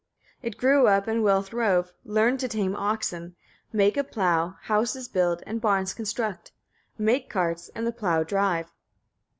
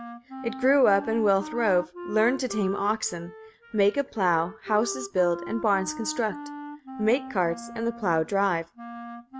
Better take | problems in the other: first | background sound (Wind instrument, woodwind instrument); 13 dB below the speech

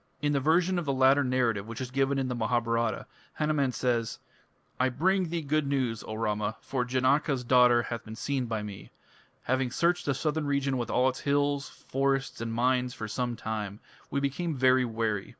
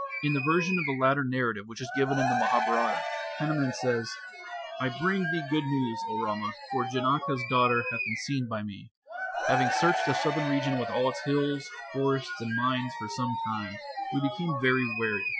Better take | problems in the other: first | noise reduction (classical method Wiener filter)

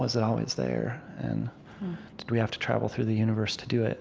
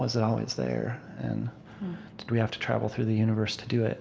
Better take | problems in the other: first | room echo; dies away in 2.1 s

